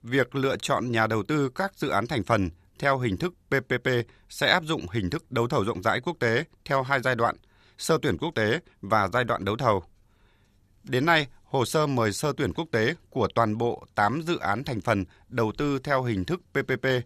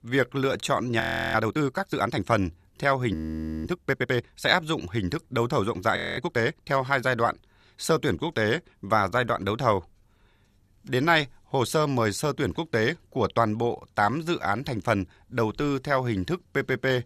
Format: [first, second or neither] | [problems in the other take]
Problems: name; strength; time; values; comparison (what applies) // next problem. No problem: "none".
first | audio freezing; at 1 s, at 3 s for 0.5 s and at 6 s